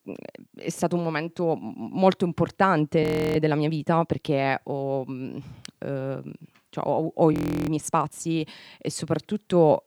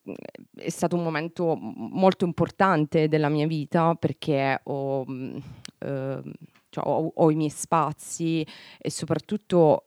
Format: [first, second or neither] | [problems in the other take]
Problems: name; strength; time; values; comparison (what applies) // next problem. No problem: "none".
second | audio freezing; at 3 s and at 7.5 s